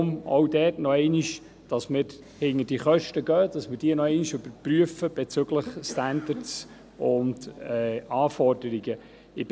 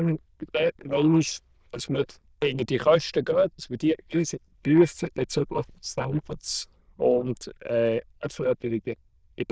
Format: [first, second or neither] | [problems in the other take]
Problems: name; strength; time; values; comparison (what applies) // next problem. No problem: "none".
first | noise reduction (neural diffusion model UNIVERSE++)